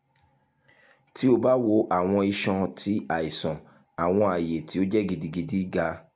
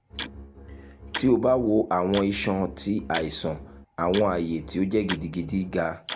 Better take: first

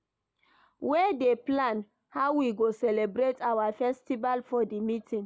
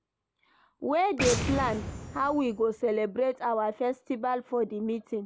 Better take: first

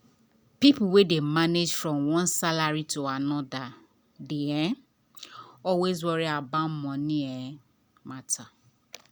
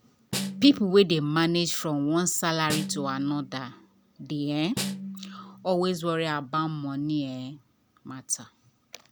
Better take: first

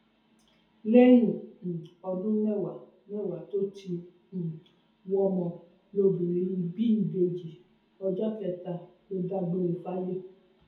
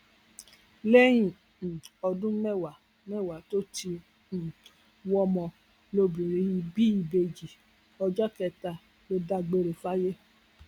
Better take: second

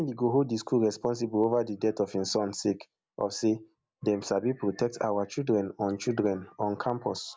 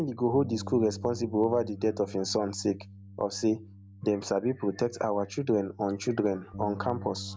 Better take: first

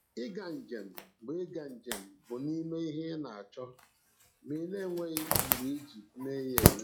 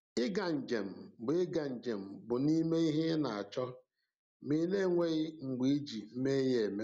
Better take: second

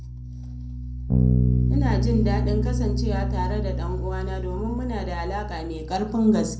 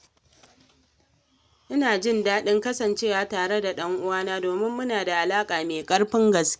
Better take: second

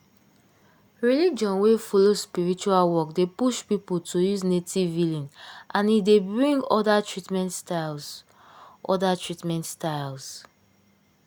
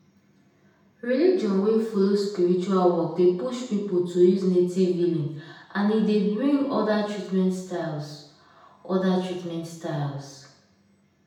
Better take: first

